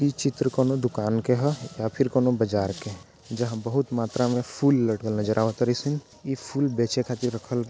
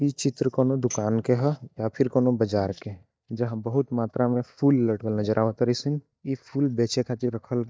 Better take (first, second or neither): first